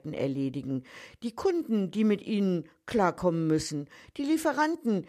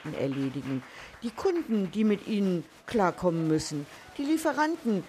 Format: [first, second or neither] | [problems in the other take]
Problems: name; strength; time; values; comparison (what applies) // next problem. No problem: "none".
first | crowd noise; noticeable; throughout; 20 dB below the speech